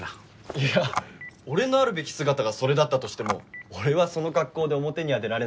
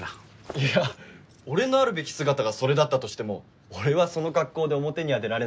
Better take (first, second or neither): second